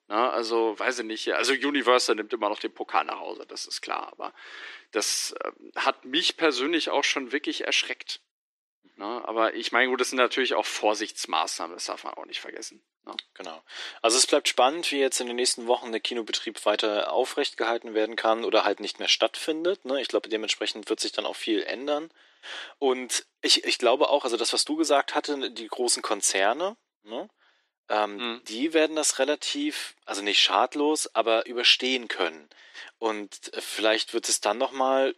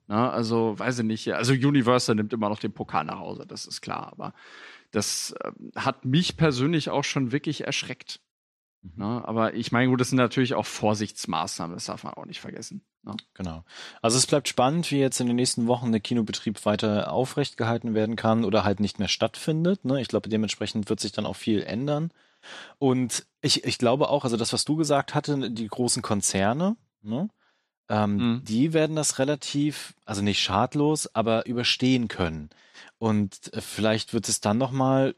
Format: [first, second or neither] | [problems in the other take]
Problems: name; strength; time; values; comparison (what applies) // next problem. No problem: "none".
second | thin; somewhat; fading below 300 Hz